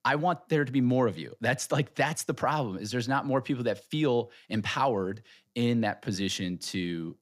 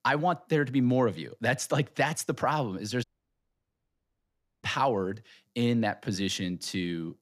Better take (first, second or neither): first